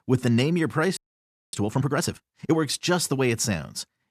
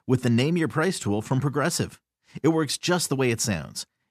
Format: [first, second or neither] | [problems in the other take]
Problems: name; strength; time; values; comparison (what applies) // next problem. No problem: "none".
second | audio freezing; at 1 s for 0.5 s